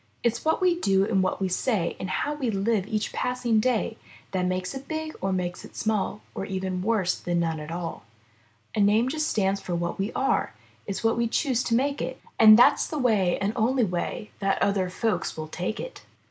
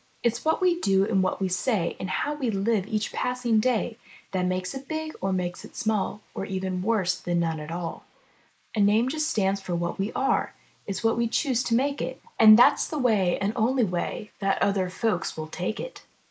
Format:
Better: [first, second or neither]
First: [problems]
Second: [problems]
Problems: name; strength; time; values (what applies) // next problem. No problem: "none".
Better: first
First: none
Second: noise reduction (neural mask model Resemble Enhance denoiser)